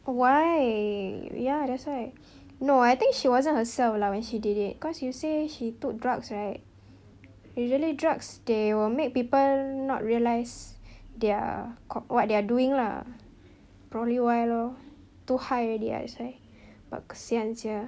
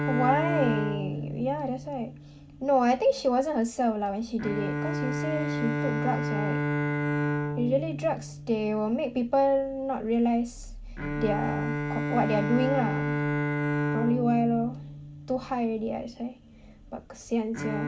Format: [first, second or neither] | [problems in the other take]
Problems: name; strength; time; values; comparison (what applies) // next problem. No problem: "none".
first | background sound (Bowed string instrument); 3 dB below the speech // room echo; dies away in 0.3 s